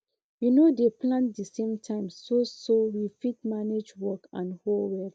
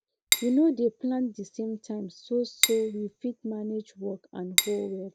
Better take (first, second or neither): first